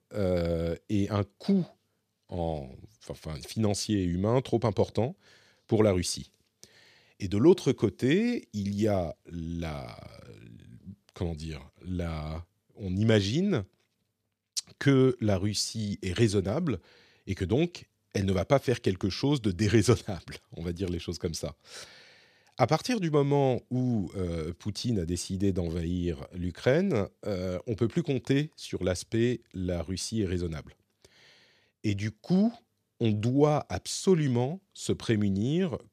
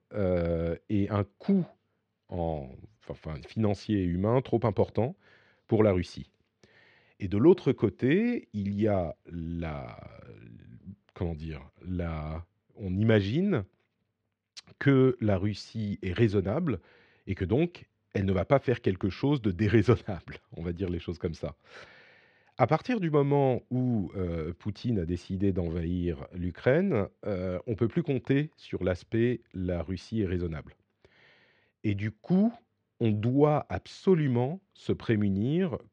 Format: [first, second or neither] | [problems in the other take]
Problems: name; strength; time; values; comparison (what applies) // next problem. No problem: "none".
first | muffled; slightly; fading above 2 kHz